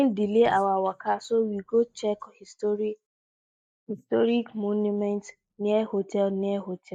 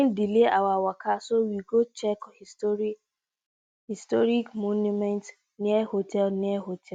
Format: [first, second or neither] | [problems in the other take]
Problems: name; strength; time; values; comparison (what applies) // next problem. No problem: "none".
second | noise reduction (neural mask model Resemble Enhance denoiser)